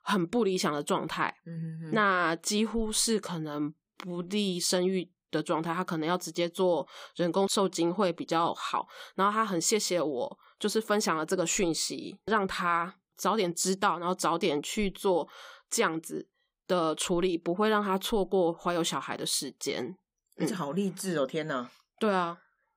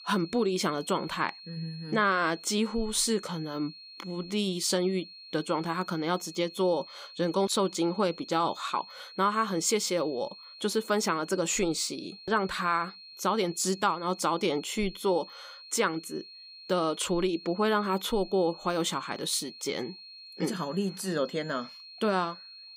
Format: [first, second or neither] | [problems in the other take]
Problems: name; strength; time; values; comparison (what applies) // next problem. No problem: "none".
first | high-pitched whine; noticeable; throughout; 4.5 kHz, 15 dB below the speech